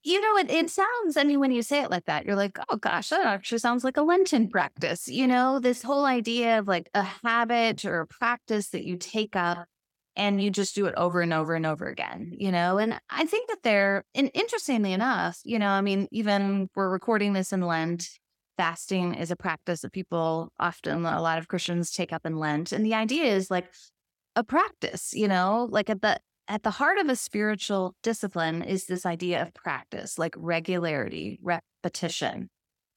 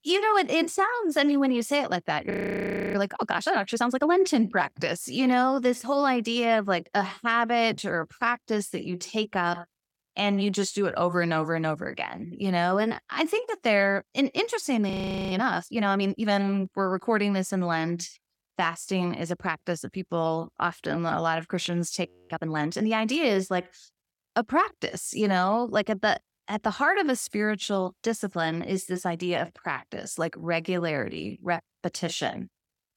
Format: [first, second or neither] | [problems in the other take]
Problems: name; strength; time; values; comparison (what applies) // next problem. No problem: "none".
first | audio freezing; at 2.5 s for 0.5 s, at 15 s and at 22 s